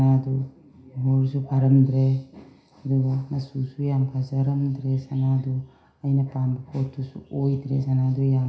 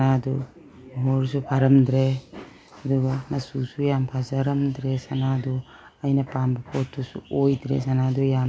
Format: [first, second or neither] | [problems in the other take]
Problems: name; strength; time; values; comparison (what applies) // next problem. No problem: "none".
second | room echo; dies away in 0.5 s